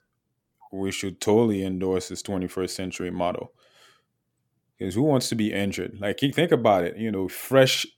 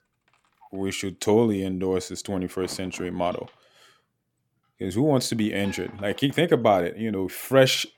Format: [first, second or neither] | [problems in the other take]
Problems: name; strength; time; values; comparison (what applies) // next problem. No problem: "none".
first | household noises; faint; throughout; 25 dB below the speech